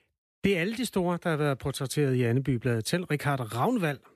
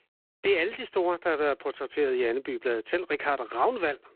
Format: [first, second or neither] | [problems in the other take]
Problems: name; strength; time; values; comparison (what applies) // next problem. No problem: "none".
first | phone-call audio; poor line; nothing above 3.5 kHz